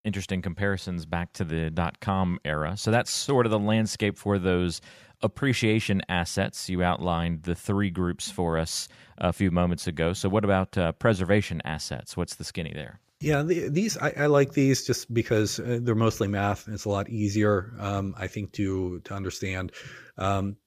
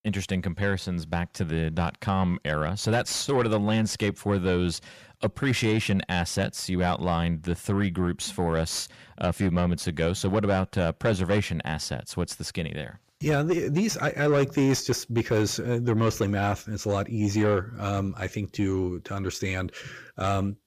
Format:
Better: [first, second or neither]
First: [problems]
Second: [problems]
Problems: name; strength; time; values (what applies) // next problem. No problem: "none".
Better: first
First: none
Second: distortion; slight; 10 dB below the speech